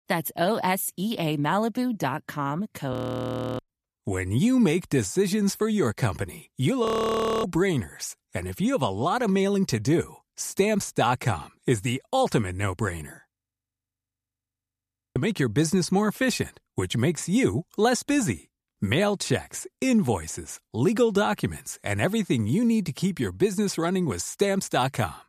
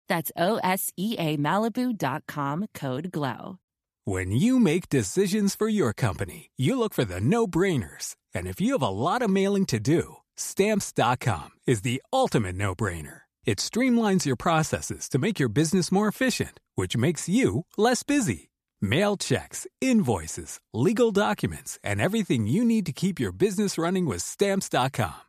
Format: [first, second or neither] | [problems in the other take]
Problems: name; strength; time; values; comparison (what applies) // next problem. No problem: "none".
second | audio freezing; at 3 s for 0.5 s, at 7 s for 0.5 s and at 13 s for 2 s